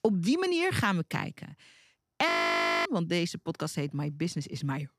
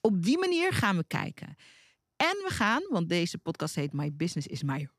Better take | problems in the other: second | audio freezing; at 2.5 s for 0.5 s

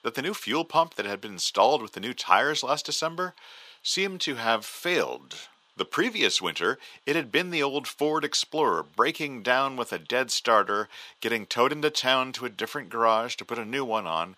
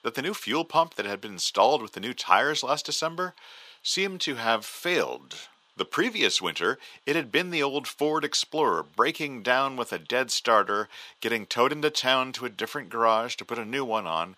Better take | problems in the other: neither | thin; very; fading below 500 Hz; the same in both

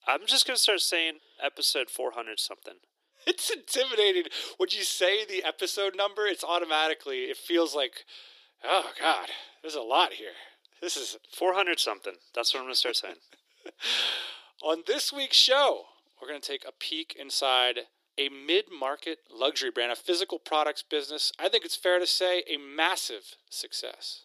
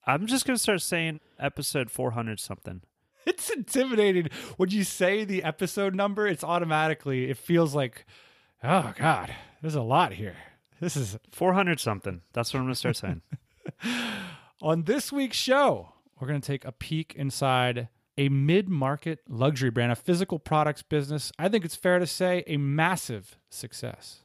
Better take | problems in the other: second | thin; very; fading below 350 Hz

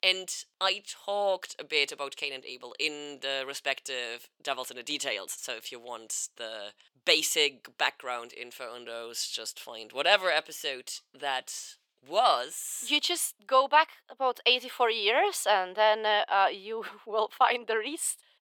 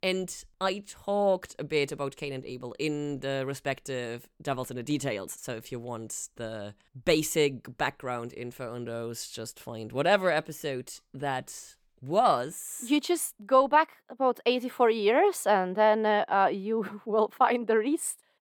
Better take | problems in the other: second | thin; somewhat; fading below 600 Hz

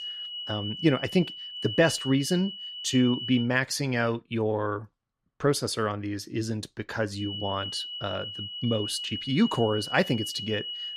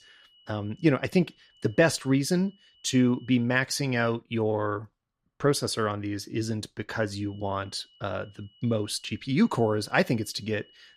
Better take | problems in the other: second | high-pitched whine; loud; until 3.5 s and from 7 s on; 3 kHz, 7 dB below the speech; faint in the second

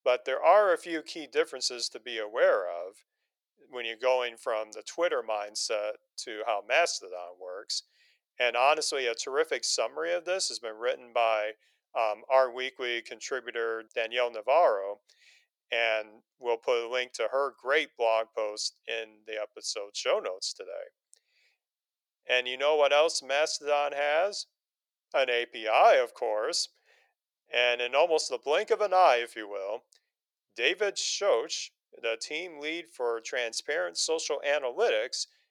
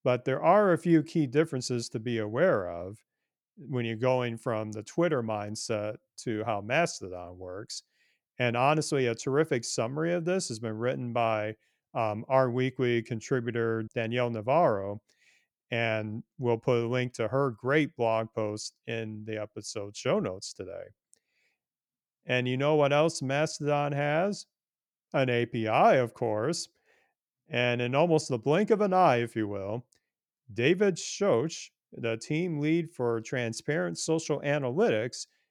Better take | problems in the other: second | thin; very; fading below 500 Hz

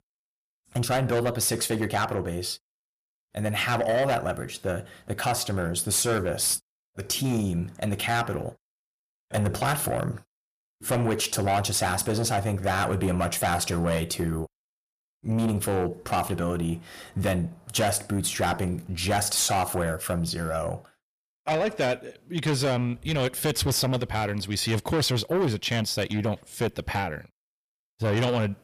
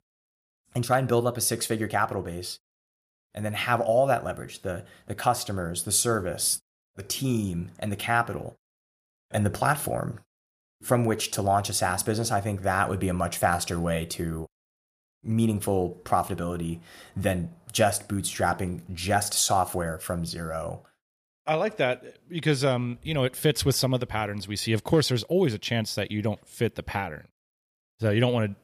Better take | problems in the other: second | distortion; heavy; 7 dB below the speech

